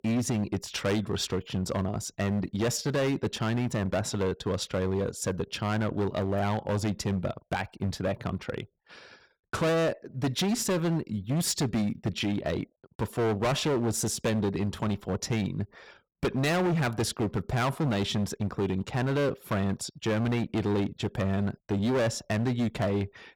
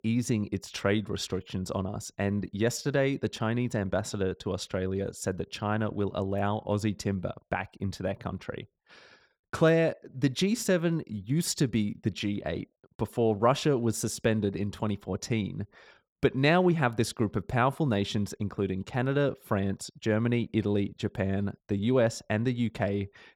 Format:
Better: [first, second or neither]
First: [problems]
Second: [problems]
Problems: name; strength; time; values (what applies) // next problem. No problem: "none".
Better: second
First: distortion; heavy; 15% of the sound clipped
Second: none